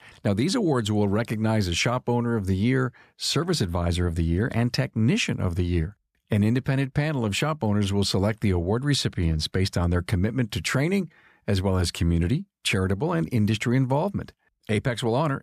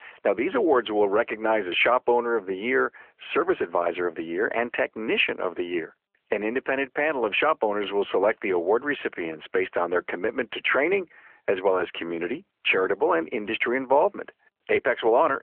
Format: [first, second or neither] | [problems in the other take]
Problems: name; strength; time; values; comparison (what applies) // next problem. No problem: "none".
first | phone-call audio; nothing above 3 kHz